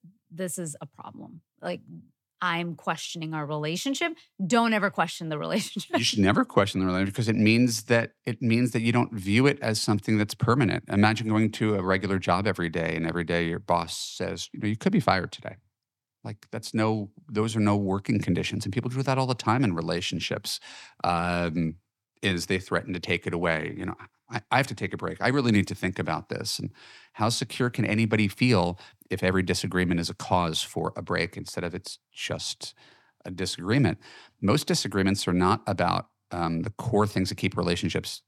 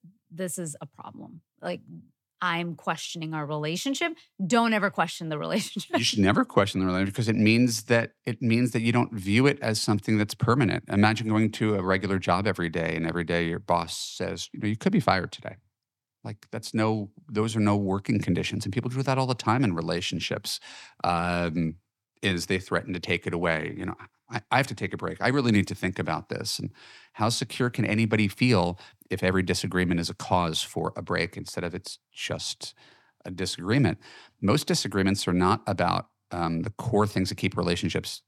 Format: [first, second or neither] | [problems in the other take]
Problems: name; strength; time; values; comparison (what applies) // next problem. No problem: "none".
neither | none